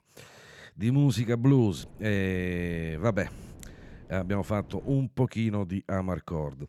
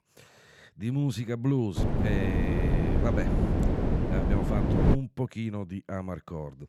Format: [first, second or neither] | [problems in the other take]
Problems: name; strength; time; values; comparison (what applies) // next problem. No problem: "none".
first | wind noise on the microphone; heavy; from 2 to 5 s; 3 dB above the speech; occasional gusts in the first